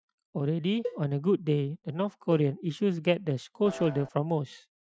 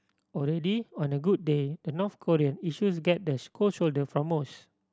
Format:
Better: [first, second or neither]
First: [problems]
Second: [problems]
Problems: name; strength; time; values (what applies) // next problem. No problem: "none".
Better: second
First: noise reduction (classical method Wiener filter)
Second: none